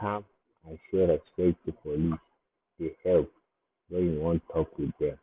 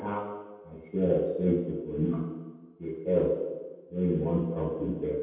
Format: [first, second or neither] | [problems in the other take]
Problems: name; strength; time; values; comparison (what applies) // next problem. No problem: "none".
first | room echo; dies away in 1.1 s